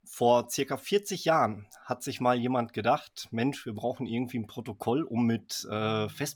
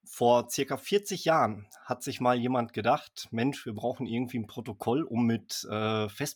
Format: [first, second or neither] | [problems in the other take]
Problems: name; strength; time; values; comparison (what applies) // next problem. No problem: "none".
second | animal sounds; very faint; throughout; 20 dB below the speech